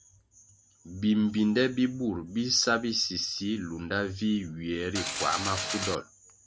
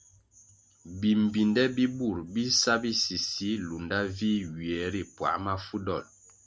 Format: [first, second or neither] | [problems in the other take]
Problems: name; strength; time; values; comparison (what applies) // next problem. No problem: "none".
second | background sound (Mechanisms); 3 dB below the speech